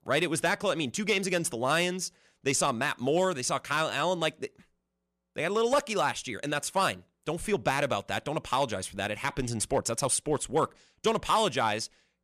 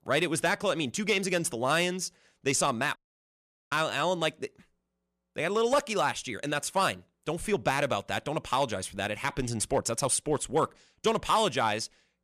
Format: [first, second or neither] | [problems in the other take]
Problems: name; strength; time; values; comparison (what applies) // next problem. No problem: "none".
first | audio cutting out; at 3 s for 1 s